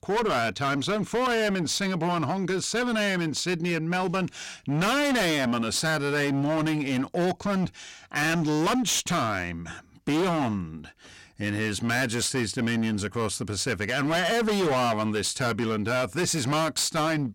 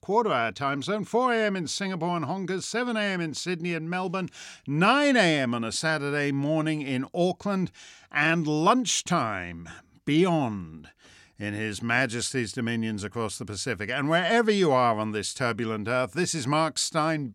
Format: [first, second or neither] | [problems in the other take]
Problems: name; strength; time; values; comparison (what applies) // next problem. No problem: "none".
second | distortion; heavy; 23% of the sound clipped